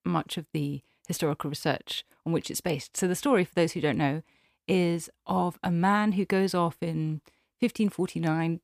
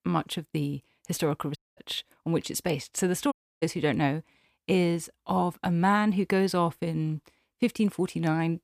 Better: first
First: none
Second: audio cutting out; at 1.5 s and at 3.5 s

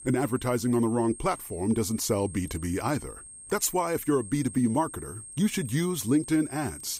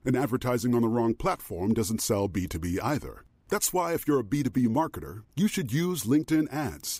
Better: second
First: high-pitched whine; noticeable; throughout; 8.5 kHz, 15 dB below the speech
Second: none

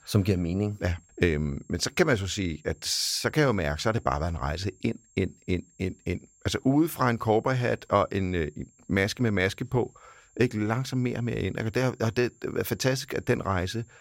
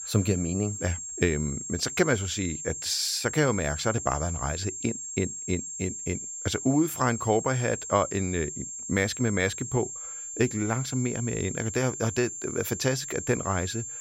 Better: first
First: high-pitched whine; faint; throughout; 7.5 kHz, 30 dB below the speech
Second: high-pitched whine; loud; throughout; 7.5 kHz, 6 dB below the speech

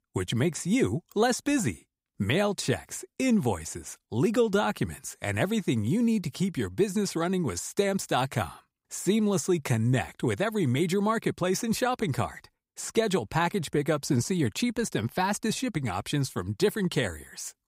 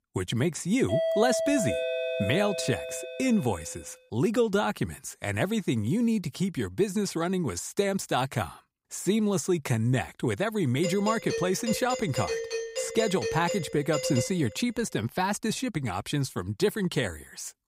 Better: first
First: none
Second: doorbell; loud; from 1 to 3.5 s; peak 2 dB above the speech // doorbell; noticeable; from 11 to 15 s; peak 3 dB below the speech

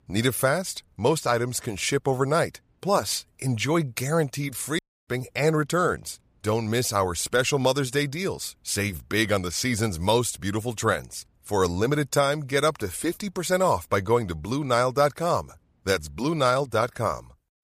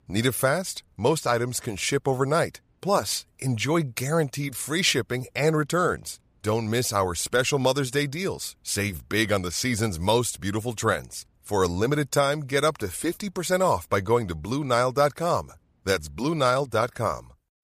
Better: second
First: audio cutting out; at 5 s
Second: none

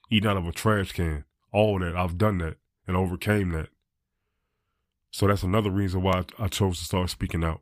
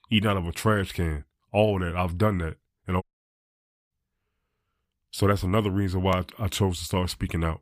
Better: first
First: none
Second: audio cutting out; at 3 s for 1 s

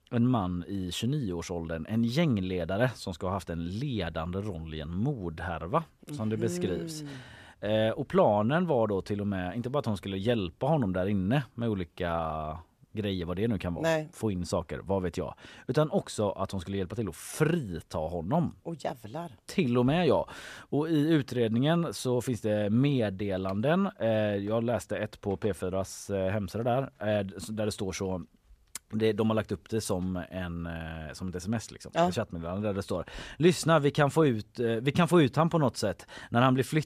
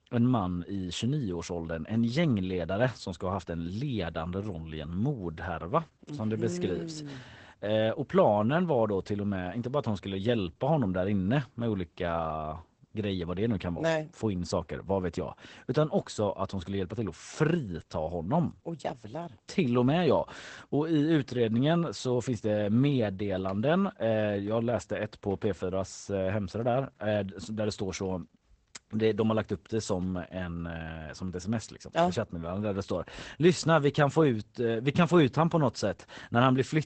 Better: first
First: none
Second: garbled, watery; badly; nothing above 8 kHz

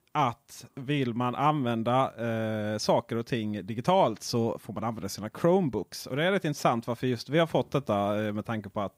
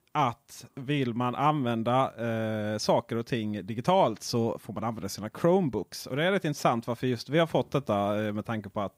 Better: neither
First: none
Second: none

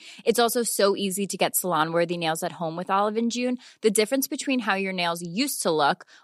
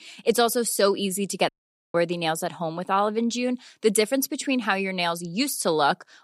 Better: first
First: none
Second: audio cutting out; at 1.5 s

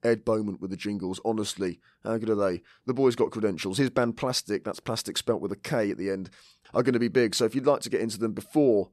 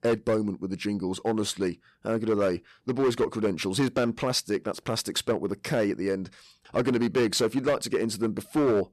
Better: first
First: none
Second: distortion; slight; 7% of the sound clipped

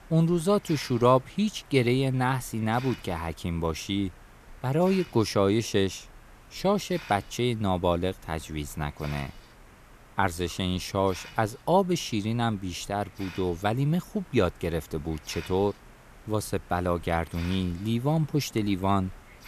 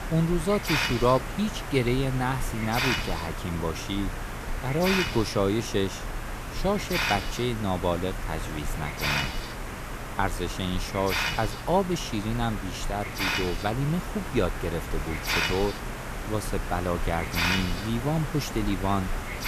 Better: first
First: hiss; faint; throughout; 20 dB below the speech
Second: hiss; loud; throughout; 3 dB below the speech

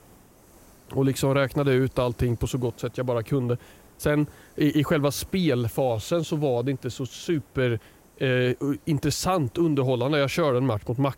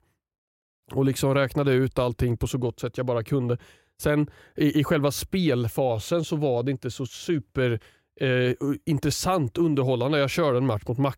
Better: second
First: hiss; faint; throughout; 30 dB below the speech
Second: none

